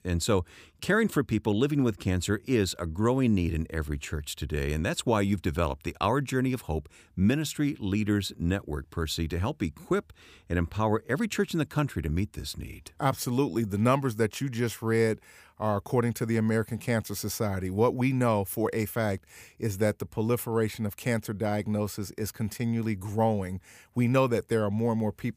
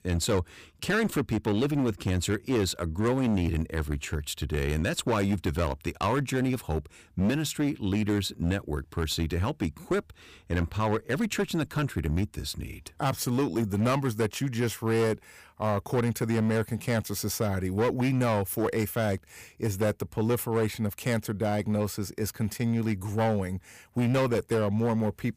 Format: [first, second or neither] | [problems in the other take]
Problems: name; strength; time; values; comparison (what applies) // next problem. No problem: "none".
first | distortion; slight; 11% of the sound clipped